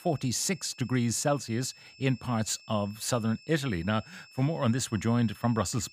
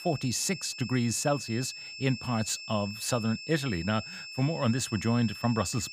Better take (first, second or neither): first